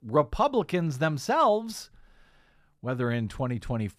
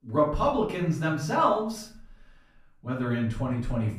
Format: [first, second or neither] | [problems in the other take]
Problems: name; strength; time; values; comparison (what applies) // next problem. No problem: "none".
first | room echo; slight; dies away in 0.5 s // off-mic speech; far